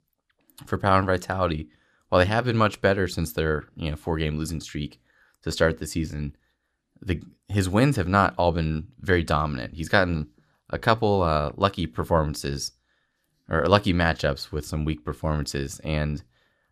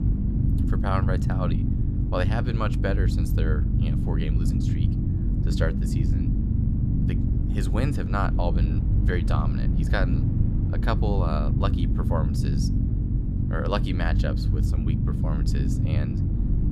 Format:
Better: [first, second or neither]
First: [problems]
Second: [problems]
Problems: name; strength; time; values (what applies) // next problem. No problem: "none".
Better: first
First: none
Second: low rumble; loud; throughout; 4 dB below the speech